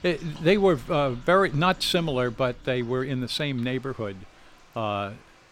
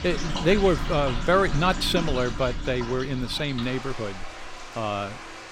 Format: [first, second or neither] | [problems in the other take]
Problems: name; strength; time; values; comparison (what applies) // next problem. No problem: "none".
first | household noises; loud; throughout; 8 dB below the speech; faint in the first